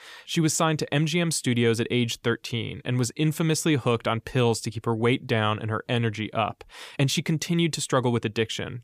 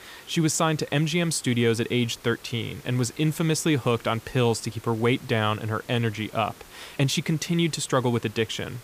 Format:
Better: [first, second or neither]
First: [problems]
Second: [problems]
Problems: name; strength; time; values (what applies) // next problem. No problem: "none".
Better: first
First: none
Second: hiss; faint; throughout; 20 dB below the speech